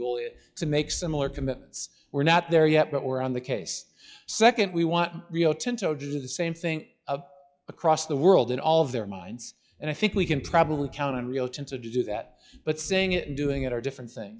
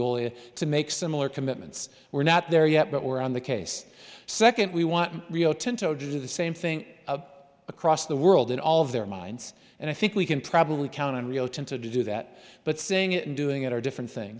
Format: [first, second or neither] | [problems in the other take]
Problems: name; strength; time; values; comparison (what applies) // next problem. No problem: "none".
second | noise reduction (classical method log-MMSE)